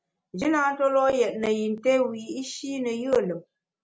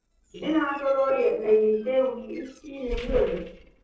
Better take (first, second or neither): first